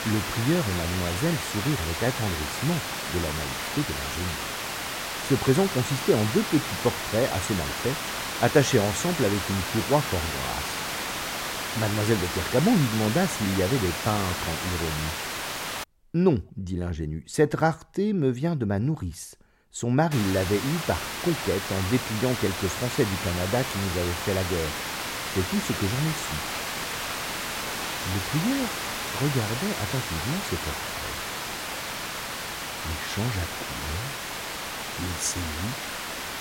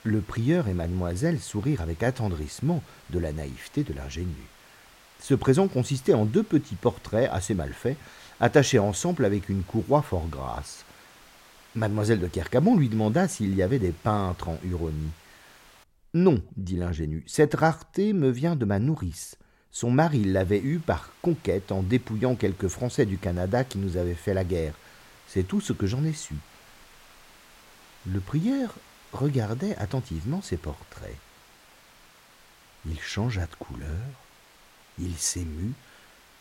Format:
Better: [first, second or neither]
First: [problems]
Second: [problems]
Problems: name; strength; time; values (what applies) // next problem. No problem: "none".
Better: second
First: hiss; loud; until 16 s and from 20 s on; 3 dB below the speech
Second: hiss; faint; until 16 s and from 20 s on; 25 dB below the speech